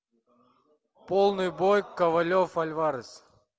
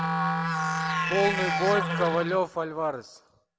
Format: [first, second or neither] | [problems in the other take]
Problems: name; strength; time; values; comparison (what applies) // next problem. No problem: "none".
first | background sound (Musical instrument); as loud as the speech